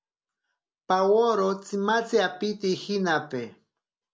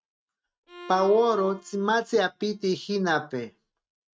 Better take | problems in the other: first | noise reduction (neural mask model RNNoise)

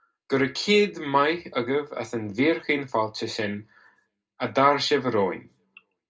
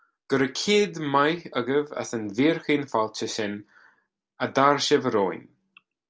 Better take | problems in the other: second | room echo; dies away in 0.2 s

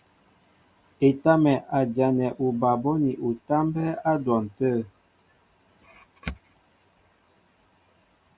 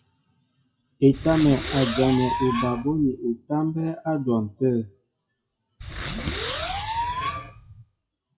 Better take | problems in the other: first | noise reduction (classical method WPE with log-MMSE)

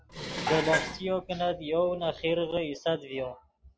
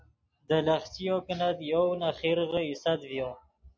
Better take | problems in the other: second | background sound (Dishes, pots, and pans); 6 dB below the speech

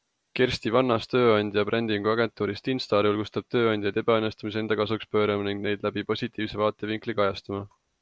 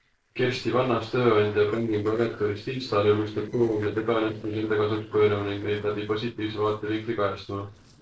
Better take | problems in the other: first | noise reduction (neural separator model SepFormer DNS4)

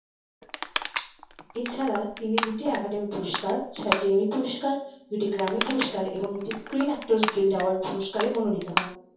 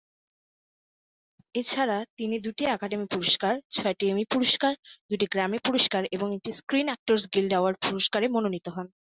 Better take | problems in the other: second | background sound (Crushing); 6 dB below the speech // room echo; dies away in 0.6 s

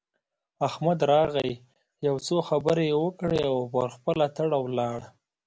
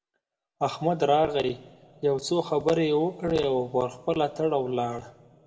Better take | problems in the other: first | room echo; dies away in 1.8 s

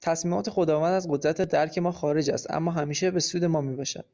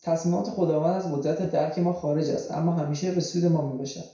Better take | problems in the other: first | room echo; dies away in 0.6 s

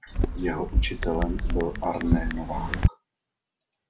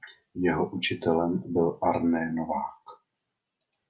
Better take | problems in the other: second | background sound (Chatter / Chirp, tweet / Car passing by / Typing); 4 dB above the speech

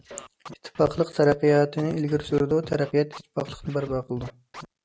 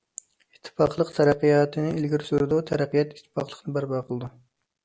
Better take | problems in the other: second | noise reduction (neural mask model RNNoise)

